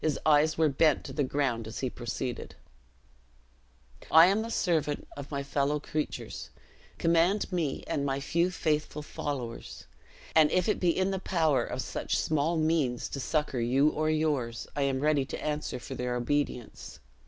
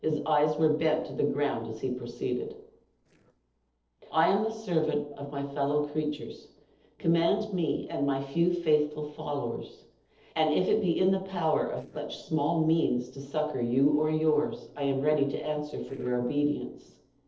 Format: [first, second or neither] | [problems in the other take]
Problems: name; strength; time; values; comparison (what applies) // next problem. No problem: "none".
first | noise reduction (neural separator model SepFormer DNS4)